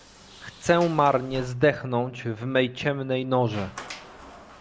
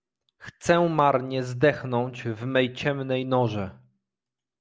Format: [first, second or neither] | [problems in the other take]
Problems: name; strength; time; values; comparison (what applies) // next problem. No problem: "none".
second | background sound (Sliding door); 20 dB below the speech